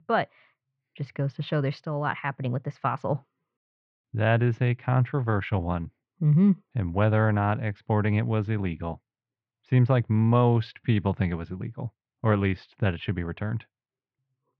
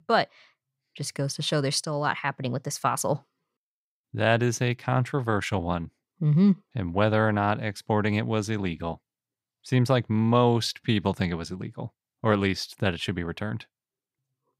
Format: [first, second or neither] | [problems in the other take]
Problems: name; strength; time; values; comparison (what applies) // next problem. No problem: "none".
second | muffled; very; fading above 3 kHz